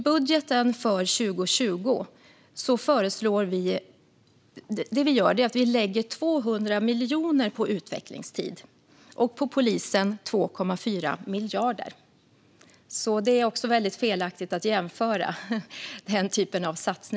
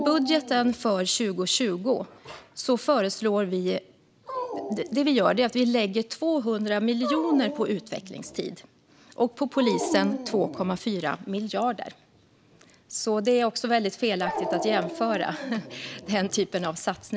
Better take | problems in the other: first | background sound (Dog); 11 dB below the speech

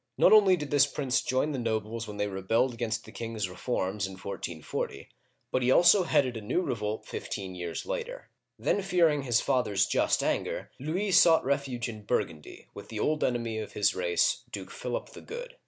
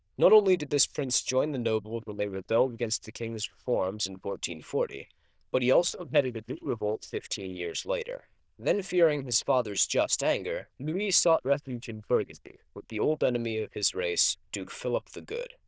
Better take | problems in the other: first | noise reduction (neural diffusion model UNIVERSE++)

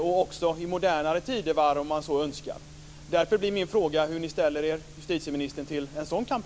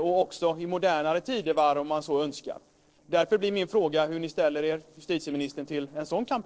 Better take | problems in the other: first | noise reduction (neural separator model SepFormer DNS4)

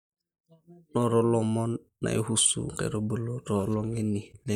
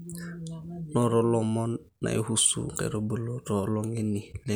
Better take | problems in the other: second | noise reduction (neural mask model DeepFilterNet 3)

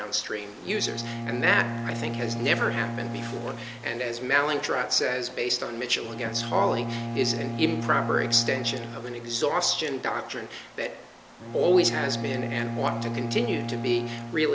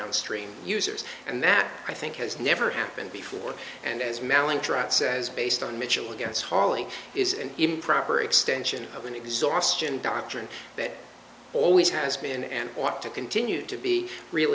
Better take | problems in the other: second | background sound (Bowed string instrument); 6 dB below the speech

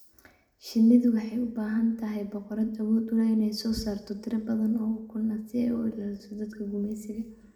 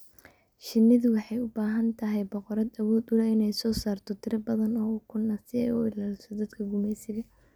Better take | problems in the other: second | room echo; dies away in 0.8 s

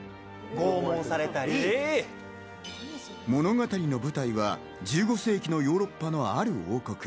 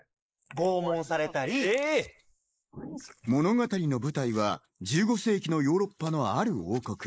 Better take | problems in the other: first | noise reduction (neural mask model Resemble Enhance denoiser)

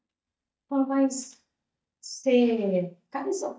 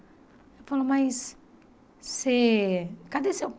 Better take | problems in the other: second | noise reduction (neural mask model DeepFilterNet 3)

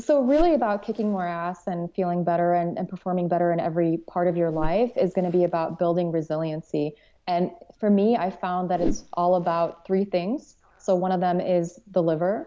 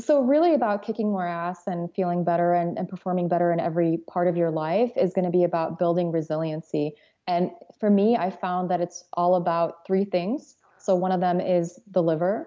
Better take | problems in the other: second | noise reduction (neural mask model Resemble Enhance denoiser)

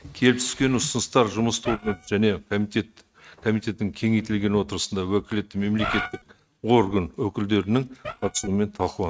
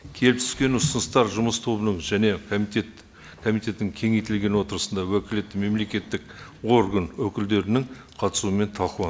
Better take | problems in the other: second | noise reduction (neural mask model RNNoise)

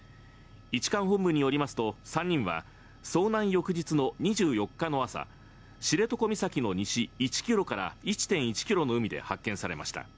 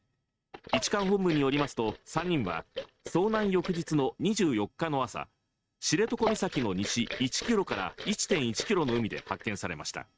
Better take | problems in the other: first | noise reduction (neural mask model RNNoise)

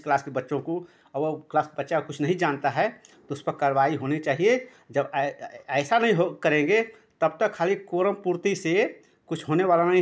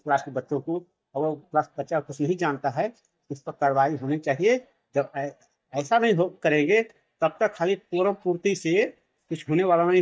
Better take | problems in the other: first | noise reduction (neural mask model DeepFilterNet 3)

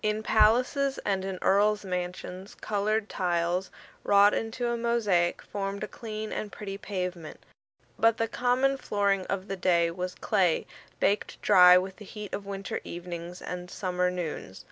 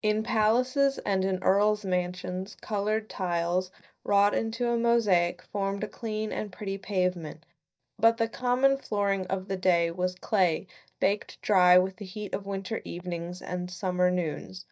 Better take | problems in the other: first | noise reduction (neural mask model DeepFilterNet 3)

